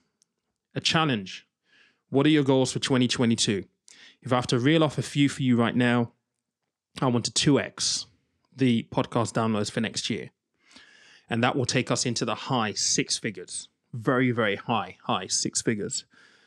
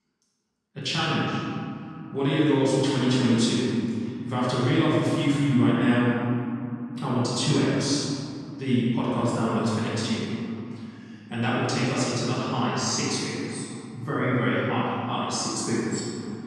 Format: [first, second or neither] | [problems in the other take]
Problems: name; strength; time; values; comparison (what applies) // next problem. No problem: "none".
first | room echo; strong; dies away in 2.5 s // off-mic speech; far